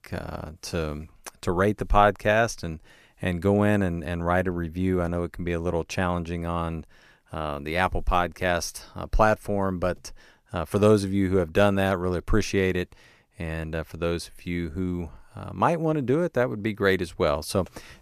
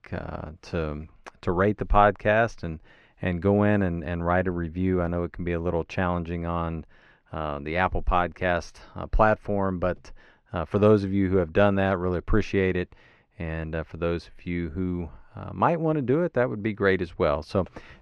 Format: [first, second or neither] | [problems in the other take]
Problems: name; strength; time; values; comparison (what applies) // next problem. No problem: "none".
first | muffled; slightly; fading above 3 kHz